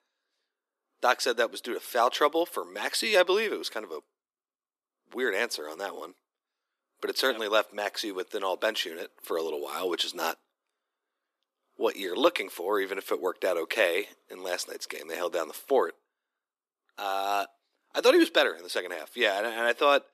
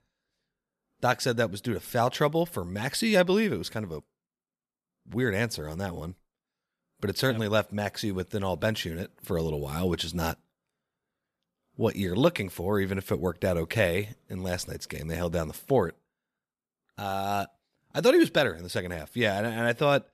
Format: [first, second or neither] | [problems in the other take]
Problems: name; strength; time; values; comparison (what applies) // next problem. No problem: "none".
second | thin; very; fading below 300 Hz